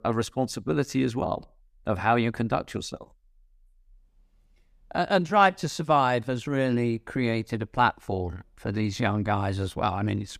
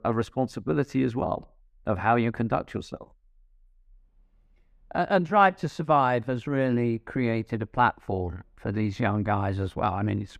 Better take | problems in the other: first | muffled; slightly; fading above 3.5 kHz

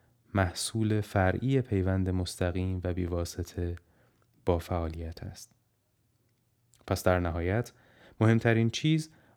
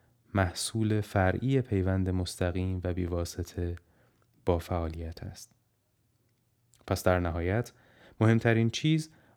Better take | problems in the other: neither | none

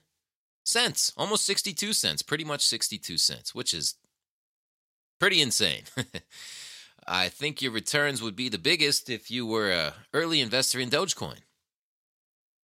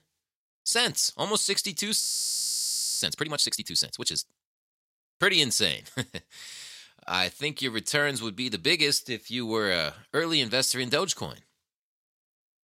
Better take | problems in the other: first | audio freezing; at 2 s for 1 s

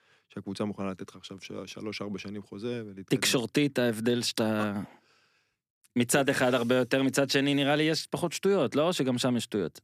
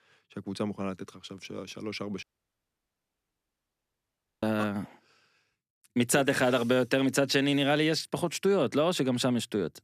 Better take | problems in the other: first | audio cutting out; at 2 s for 2 s

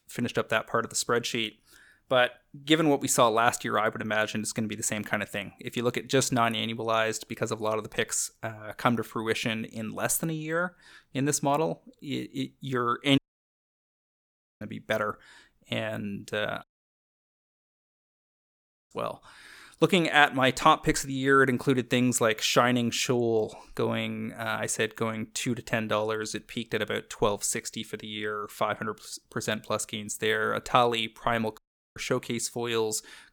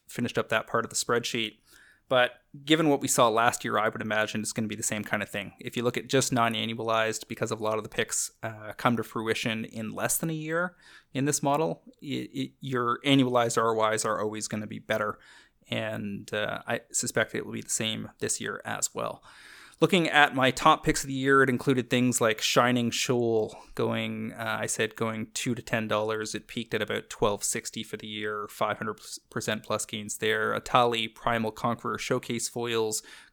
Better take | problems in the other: second | audio cutting out; at 13 s for 1.5 s, at 17 s for 2.5 s and at 32 s

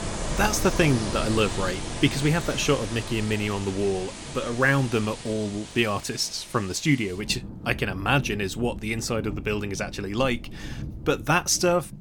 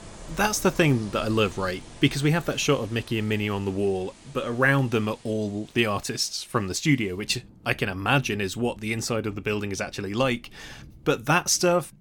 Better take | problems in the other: second | rain or running water; loud; throughout; 10 dB below the speech; faint in the second

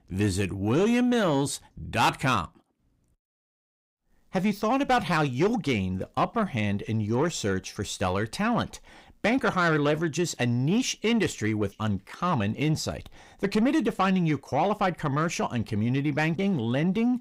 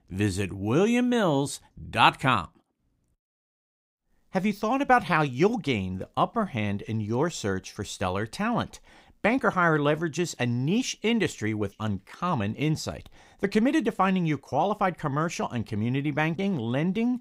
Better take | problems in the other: second | distortion; slight; 10 dB below the speech

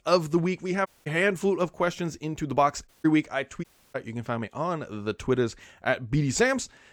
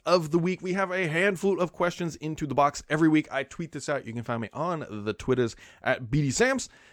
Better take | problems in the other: second | audio cutting out; at 1 s, at 3 s and at 3.5 s

